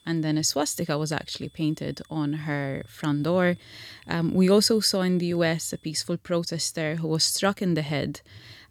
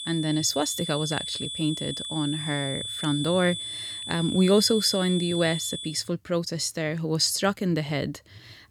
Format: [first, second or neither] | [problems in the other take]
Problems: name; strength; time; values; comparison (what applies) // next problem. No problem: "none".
first | high-pitched whine; loud; until 6 s; 3.5 kHz, 6 dB below the speech; faint in the first